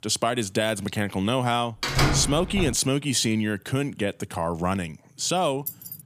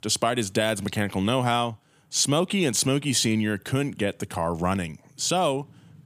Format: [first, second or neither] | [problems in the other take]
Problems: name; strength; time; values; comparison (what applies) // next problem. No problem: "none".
second | door banging; loud; at 2 s; peak 3 dB above the speech // jangling keys; noticeable; at 5.5 s; peak 9 dB below the speech